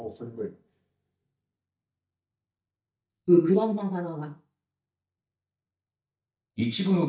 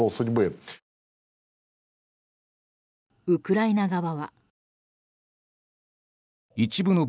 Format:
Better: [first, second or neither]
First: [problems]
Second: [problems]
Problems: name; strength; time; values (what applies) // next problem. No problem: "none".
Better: second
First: noise reduction (neural mask model DeepFilterNet 3)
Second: none